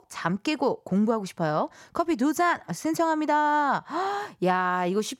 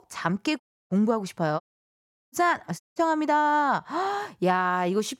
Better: first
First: none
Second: audio cutting out; at 0.5 s, at 1.5 s for 0.5 s and at 3 s

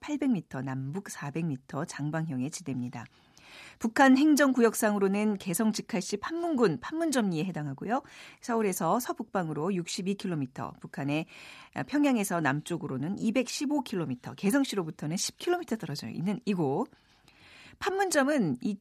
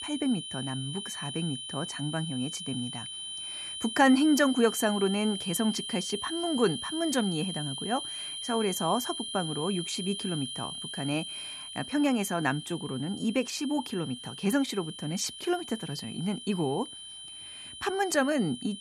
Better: first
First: none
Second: high-pitched whine; loud; throughout; 3 kHz, 7 dB below the speech

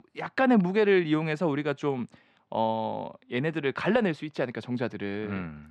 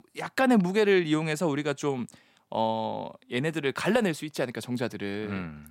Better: second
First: muffled; slightly; fading above 3 kHz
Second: none

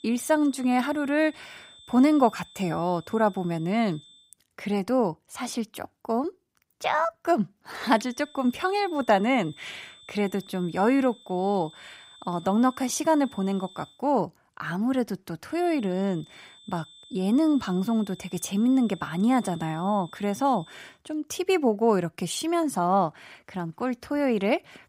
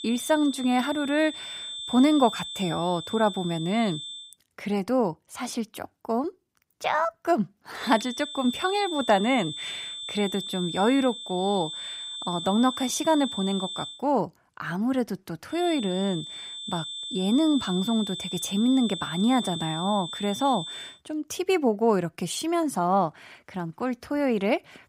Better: first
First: high-pitched whine; faint; until 4.5 s, from 8 to 14 s and from 16 to 21 s; 3.5 kHz, 25 dB below the speech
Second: high-pitched whine; loud; until 4.5 s, from 8 to 14 s and from 16 to 21 s; 3.5 kHz, 8 dB below the speech

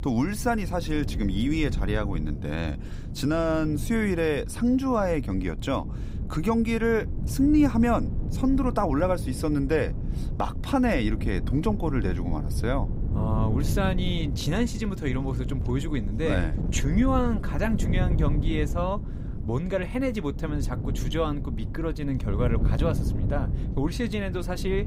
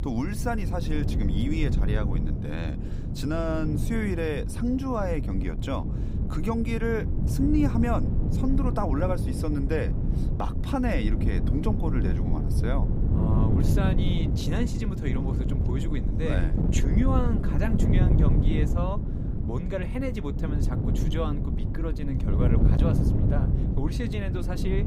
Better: first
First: wind noise on the microphone; occasional gusts; 10 dB below the speech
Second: wind noise on the microphone; heavy; 4 dB below the speech

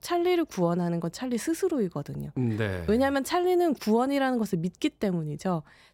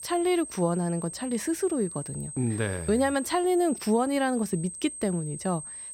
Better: first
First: none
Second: high-pitched whine; noticeable; throughout; 8.5 kHz, 10 dB below the speech

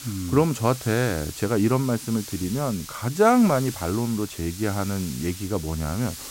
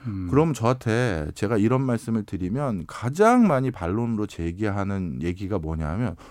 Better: second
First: hiss; noticeable; throughout; 10 dB below the speech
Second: none

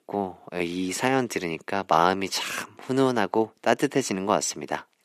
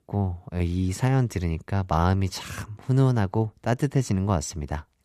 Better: second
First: thin; somewhat; fading below 300 Hz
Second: none

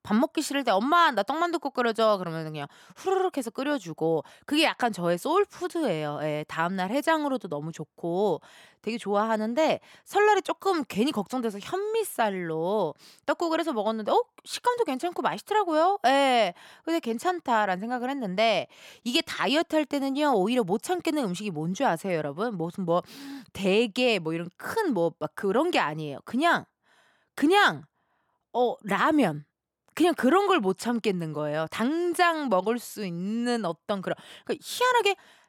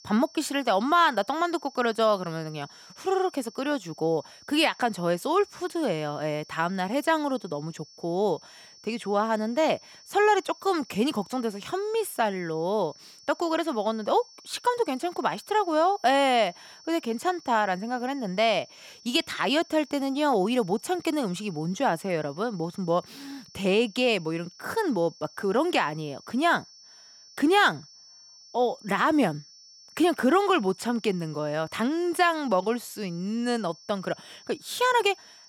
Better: first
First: none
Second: high-pitched whine; faint; throughout; 5.5 kHz, 20 dB below the speech

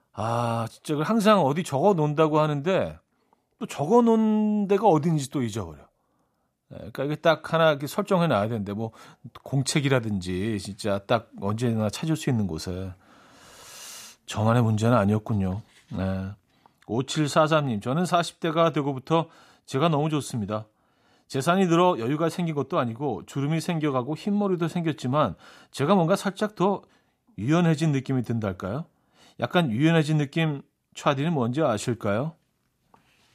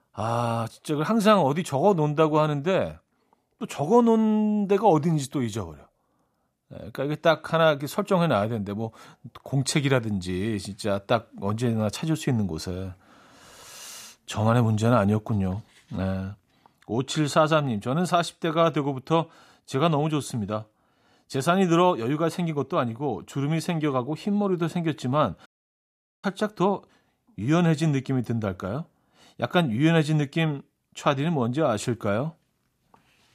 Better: first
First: none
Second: audio cutting out; at 25 s for 1 s

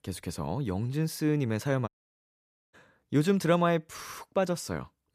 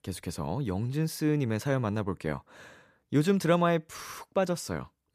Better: second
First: audio cutting out; at 2 s for 1 s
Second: none

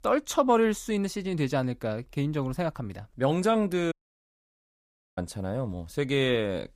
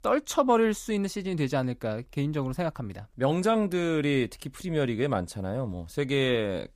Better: second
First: audio cutting out; at 4 s for 1.5 s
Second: none

